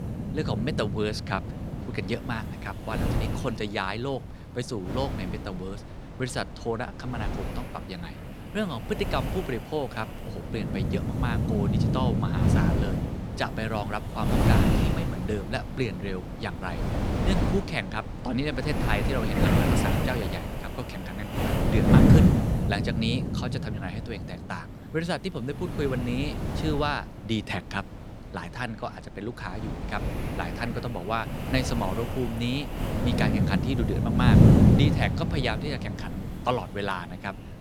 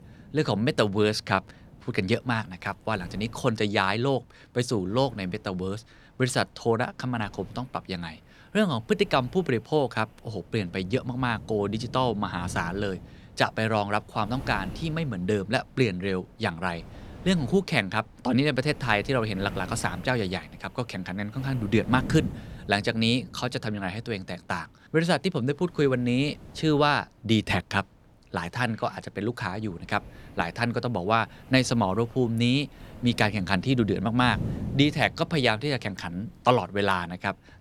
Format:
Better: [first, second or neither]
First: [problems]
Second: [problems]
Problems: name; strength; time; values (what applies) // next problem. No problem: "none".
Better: second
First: wind noise on the microphone; heavy; 1 dB below the speech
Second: wind noise on the microphone; occasional gusts; 20 dB below the speech